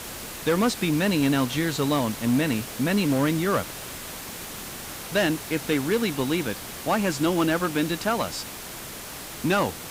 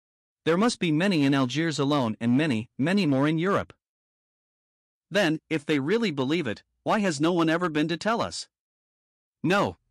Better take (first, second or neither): second